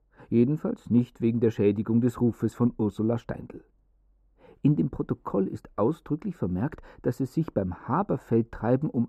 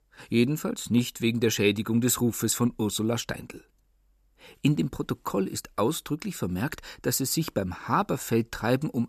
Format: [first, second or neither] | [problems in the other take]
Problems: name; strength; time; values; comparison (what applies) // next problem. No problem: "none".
second | muffled; very; fading above 2 kHz